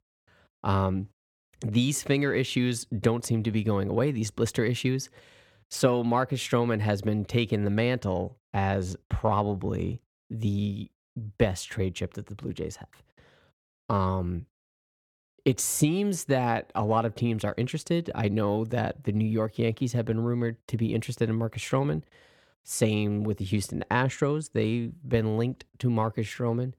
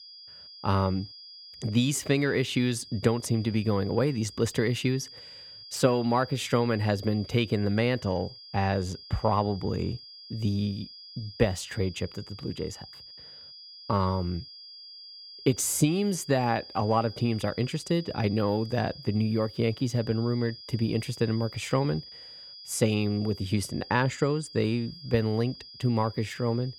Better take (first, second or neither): first